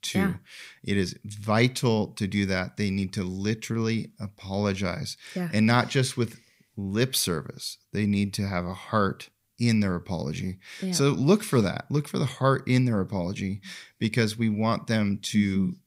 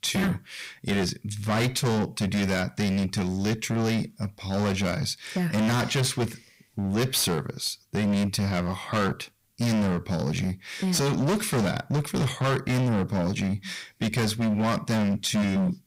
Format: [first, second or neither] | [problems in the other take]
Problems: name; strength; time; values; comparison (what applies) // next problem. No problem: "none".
first | distortion; heavy; 22% of the sound clipped